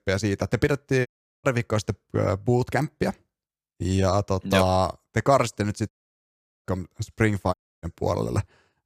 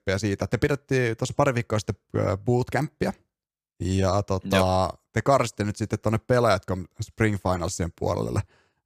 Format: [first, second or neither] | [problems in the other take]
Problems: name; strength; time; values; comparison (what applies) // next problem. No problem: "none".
second | audio cutting out; at 1 s, at 6 s for 0.5 s and at 7.5 s